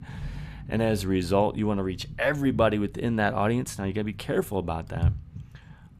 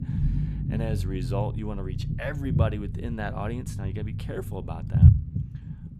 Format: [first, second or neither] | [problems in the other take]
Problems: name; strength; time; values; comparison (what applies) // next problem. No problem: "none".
first | low rumble; loud; throughout; 4 dB below the speech; faint in the first